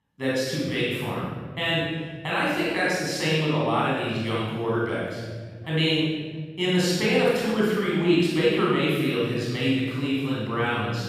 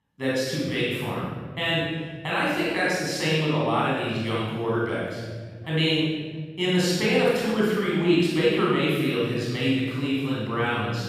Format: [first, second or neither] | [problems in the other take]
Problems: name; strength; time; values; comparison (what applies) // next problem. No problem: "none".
neither | off-mic speech; far; the same in both // room echo; strong; dies away in 2.1 s; the same in both